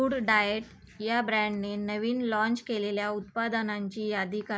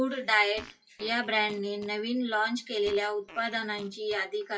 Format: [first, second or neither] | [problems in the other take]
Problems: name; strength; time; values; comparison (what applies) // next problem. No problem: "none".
first | noise reduction (classical method WPE with log-MMSE)